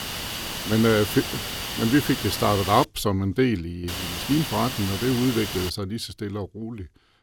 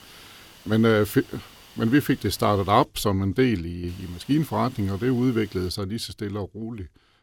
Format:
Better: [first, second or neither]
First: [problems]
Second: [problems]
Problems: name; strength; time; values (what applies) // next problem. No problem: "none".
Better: second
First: hiss; loud; until 3 s and from 4 to 5.5 s; 6 dB below the speech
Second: hiss; faint; until 3 s and from 4 to 5.5 s; 25 dB below the speech